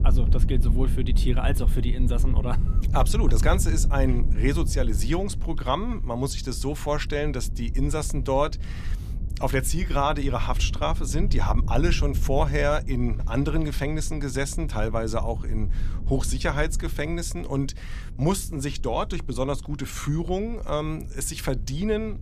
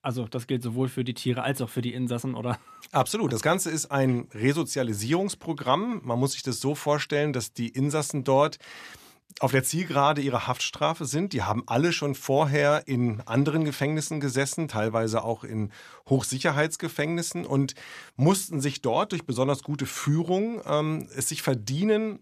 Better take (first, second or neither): second